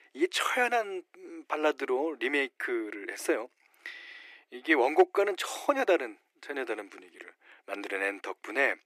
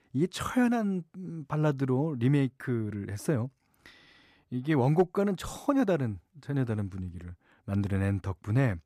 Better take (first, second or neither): second